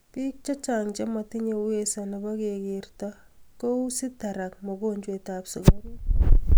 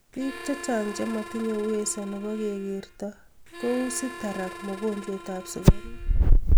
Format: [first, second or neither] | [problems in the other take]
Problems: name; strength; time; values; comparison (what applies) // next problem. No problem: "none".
first | background sound (Harmonica); 17 dB below the speech